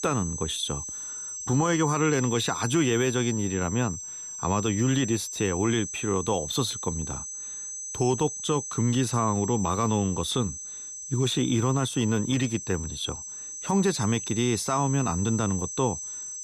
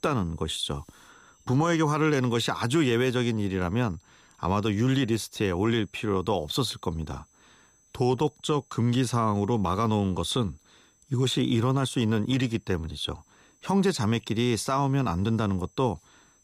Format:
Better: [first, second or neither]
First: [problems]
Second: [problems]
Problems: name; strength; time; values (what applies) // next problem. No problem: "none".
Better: second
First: high-pitched whine; loud; throughout; 6 kHz, 7 dB below the speech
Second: high-pitched whine; faint; throughout; 6 kHz, 35 dB below the speech